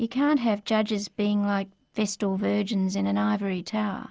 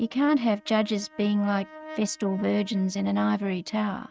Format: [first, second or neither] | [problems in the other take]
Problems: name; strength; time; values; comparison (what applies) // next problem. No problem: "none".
first | noise reduction (neural mask model RNNoise)